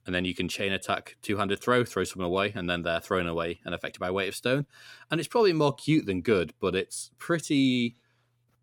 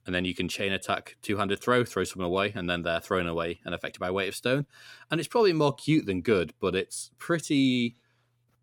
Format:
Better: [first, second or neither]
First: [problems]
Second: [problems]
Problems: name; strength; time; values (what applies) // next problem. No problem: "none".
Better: neither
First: none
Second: none